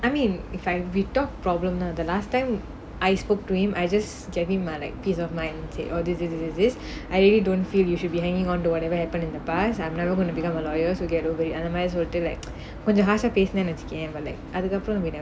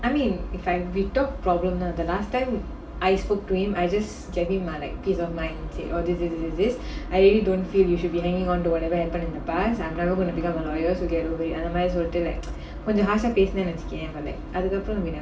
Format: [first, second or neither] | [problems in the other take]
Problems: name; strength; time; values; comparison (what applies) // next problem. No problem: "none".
first | room echo; dies away in 0.4 s